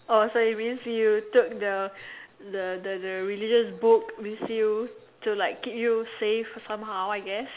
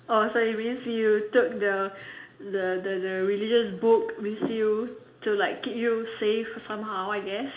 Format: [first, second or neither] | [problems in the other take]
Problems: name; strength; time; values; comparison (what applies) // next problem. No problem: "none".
first | room echo; dies away in 0.4 s